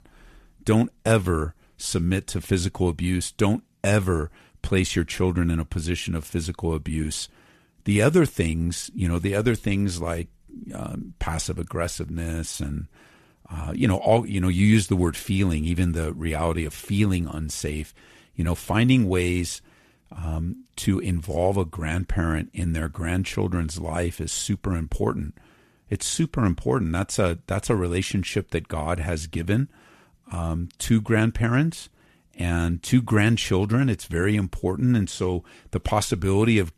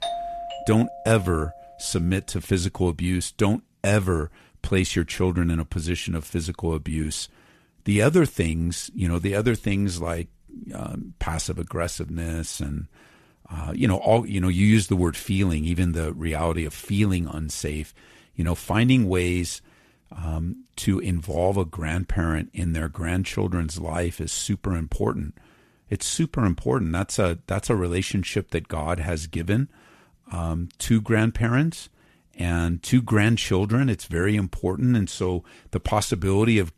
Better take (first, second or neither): first